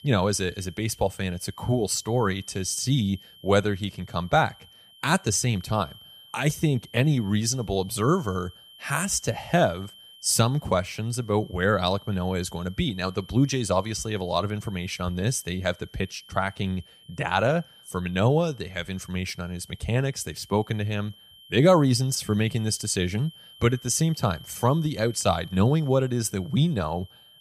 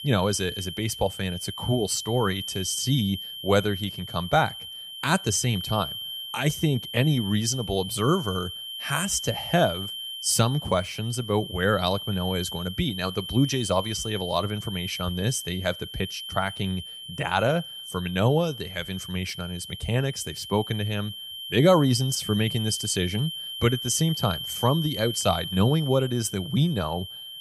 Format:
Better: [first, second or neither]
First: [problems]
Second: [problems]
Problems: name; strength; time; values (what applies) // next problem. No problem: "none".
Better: first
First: high-pitched whine; faint; throughout; 3 kHz, 20 dB below the speech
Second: high-pitched whine; loud; throughout; 3 kHz, 8 dB below the speech